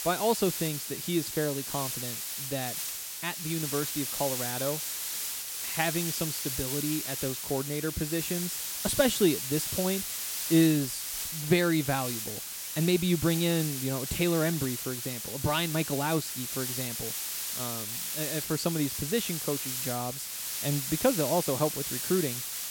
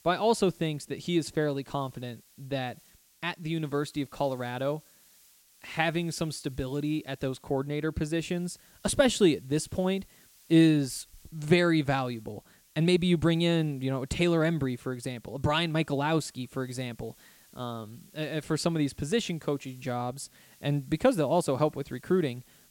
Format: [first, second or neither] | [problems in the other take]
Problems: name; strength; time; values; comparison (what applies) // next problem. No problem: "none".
second | hiss; loud; throughout; 2 dB below the speech; faint in the second